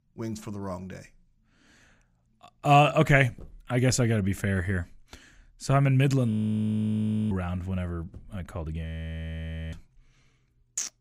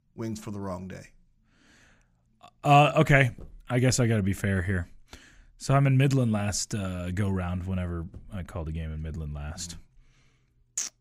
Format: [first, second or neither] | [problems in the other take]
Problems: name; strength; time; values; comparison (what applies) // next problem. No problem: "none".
second | audio freezing; at 6.5 s for 1 s and at 9 s for 1 s